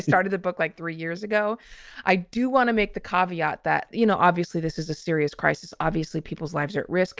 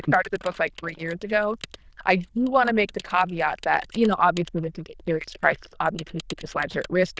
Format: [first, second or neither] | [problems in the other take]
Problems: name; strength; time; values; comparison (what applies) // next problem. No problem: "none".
first | noise reduction (neural diffusion model UNIVERSE++)